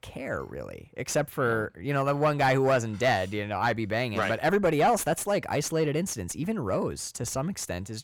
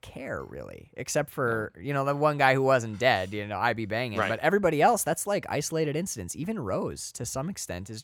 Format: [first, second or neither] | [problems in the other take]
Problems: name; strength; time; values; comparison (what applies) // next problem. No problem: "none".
second | distortion; slight; 10 dB below the speech